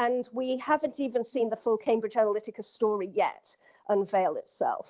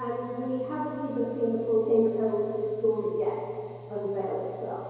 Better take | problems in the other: first | background sound (Mechanical fan); 19 dB below the speech // room echo; dies away in 2.2 s

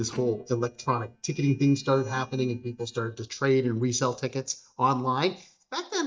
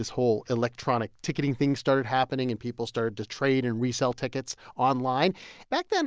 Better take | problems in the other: second | noise reduction (neural mask model DeepFilterNet 3)

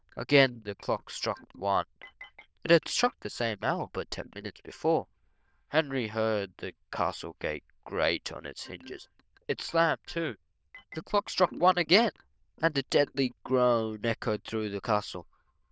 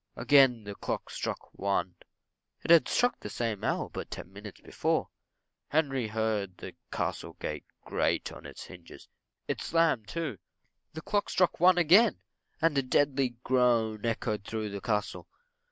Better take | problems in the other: second | noise reduction (neural diffusion model UNIVERSE++)

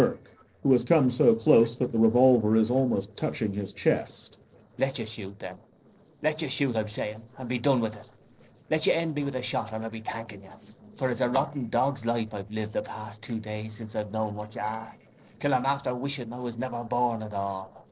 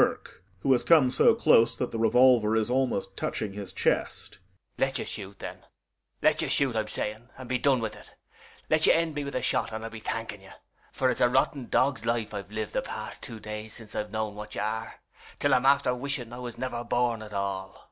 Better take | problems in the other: second | noise reduction (neural separator model SepFormer DNS4)

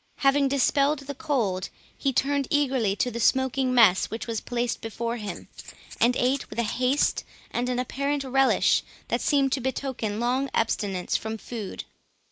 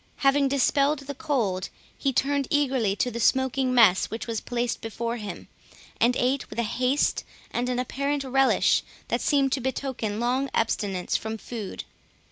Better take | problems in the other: second | noise reduction (neural mask model Resemble Enhance denoiser)

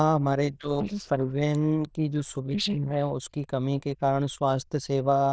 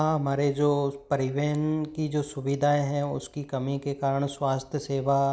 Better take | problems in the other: second | noise reduction (neural diffusion model UNIVERSE++)

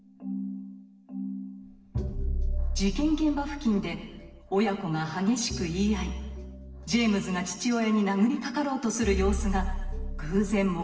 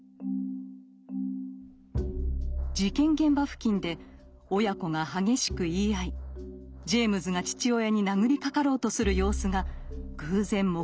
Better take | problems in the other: second | room echo; dies away in 1.1 s

